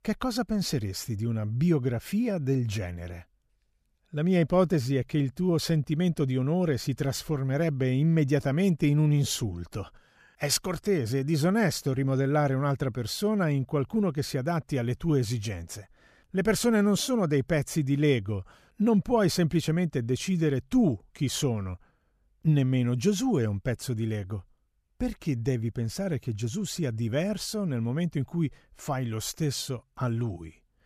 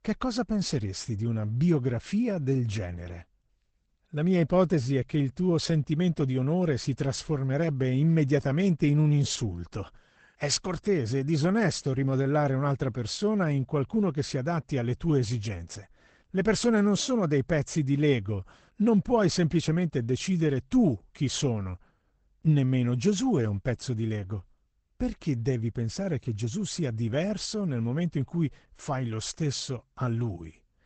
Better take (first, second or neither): first